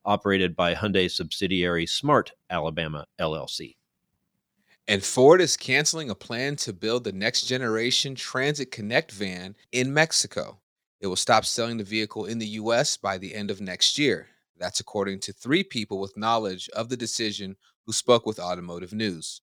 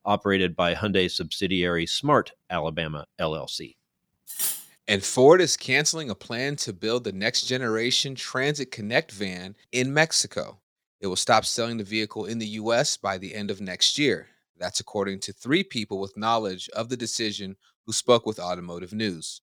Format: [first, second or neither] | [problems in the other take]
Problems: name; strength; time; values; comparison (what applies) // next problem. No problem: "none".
first | clattering dishes; noticeable; at 4.5 s; peak 1 dB below the speech